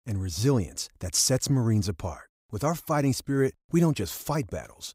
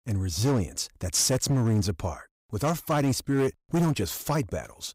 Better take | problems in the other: first | distortion; slight; 9% of the sound clipped

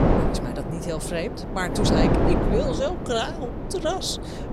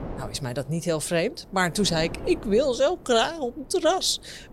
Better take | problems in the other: second | wind noise on the microphone; heavy; 1 dB below the speech; occasional gusts in the second

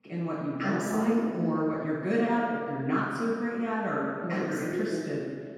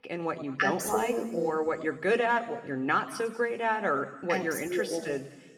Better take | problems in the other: second | room echo; strong; dies away in 2 s; slight in the second // off-mic speech; far

